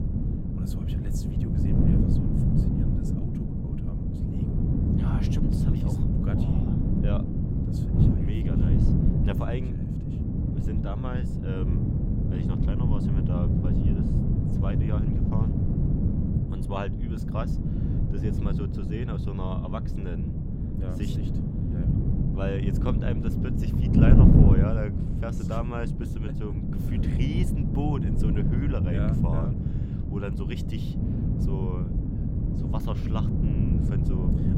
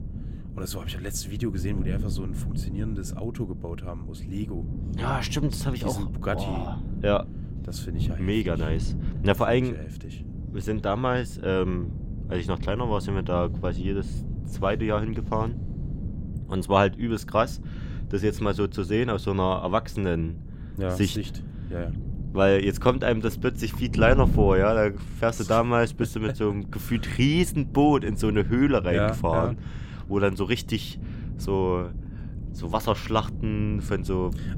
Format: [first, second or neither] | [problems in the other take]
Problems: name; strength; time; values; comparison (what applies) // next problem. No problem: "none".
second | wind noise on the microphone; heavy; 3 dB above the speech; occasional gusts in the second